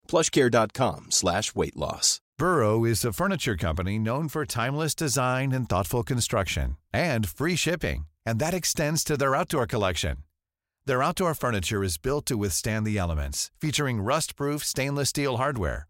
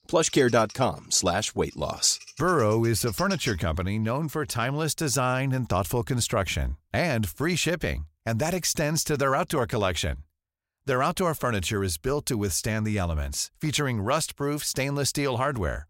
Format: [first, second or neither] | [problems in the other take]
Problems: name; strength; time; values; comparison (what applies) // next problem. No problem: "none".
first | animal sounds; noticeable; until 3.5 s; 15 dB below the speech